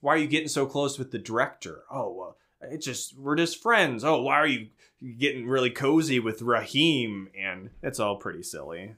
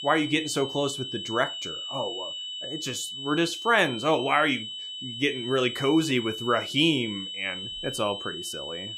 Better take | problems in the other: first | high-pitched whine; loud; throughout; 3 kHz, 7 dB below the speech

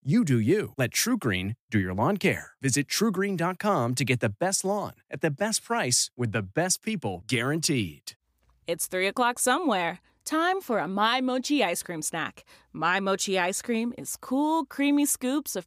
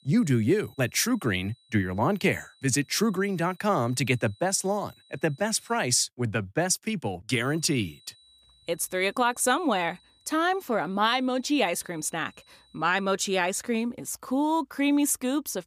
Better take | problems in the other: first | high-pitched whine; faint; until 6 s and from 7.5 to 13 s; 4 kHz, 30 dB below the speech

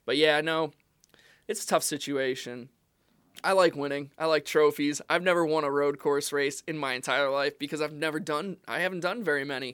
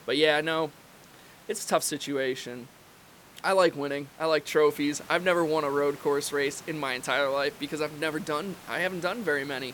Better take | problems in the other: first | hiss; faint; throughout; 20 dB below the speech

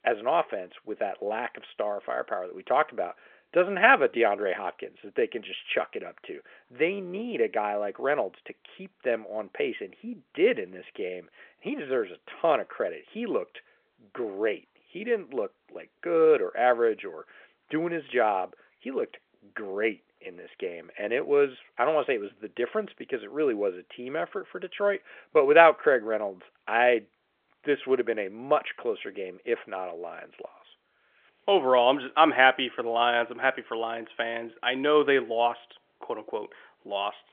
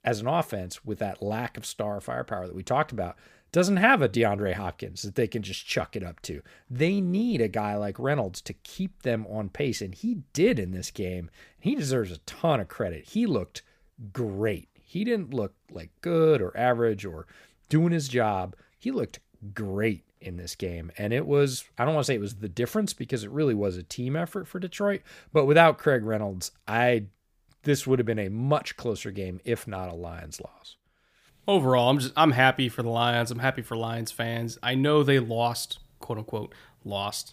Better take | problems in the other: second | phone-call audio; nothing above 3.5 kHz

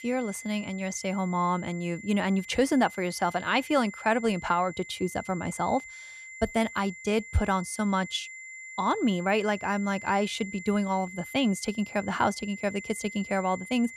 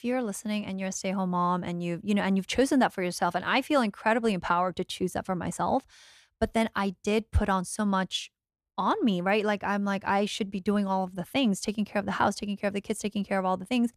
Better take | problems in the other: second | high-pitched whine; noticeable; throughout; 2 kHz, 15 dB below the speech

